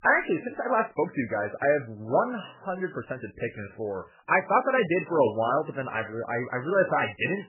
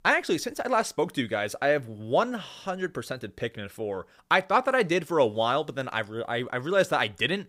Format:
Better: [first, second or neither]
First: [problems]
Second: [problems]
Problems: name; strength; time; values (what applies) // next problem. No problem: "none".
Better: second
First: garbled, watery; badly; nothing above 3 kHz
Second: none